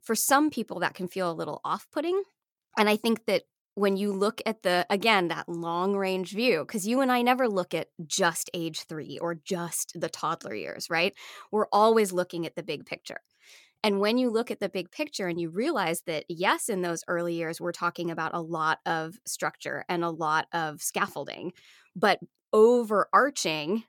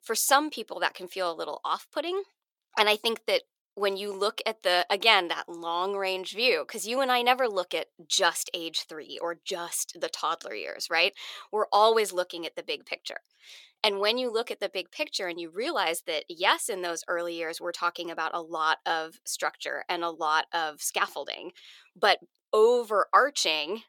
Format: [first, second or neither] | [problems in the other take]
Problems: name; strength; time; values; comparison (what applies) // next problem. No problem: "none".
first | thin; somewhat; fading below 500 Hz